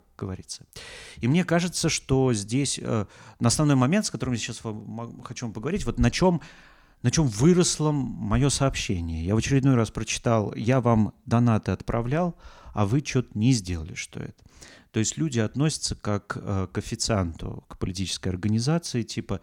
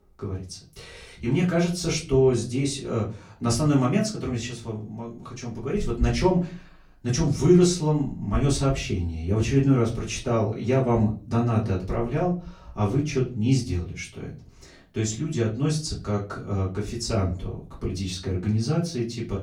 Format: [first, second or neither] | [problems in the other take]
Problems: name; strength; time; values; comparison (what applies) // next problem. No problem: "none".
first | off-mic speech; far // room echo; very slight; dies away in 0.3 s